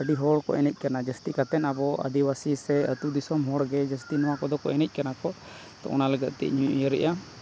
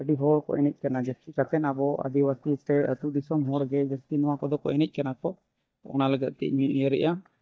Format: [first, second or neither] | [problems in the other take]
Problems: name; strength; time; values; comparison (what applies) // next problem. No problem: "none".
first | noise reduction (neural mask model DeepFilterNet 3)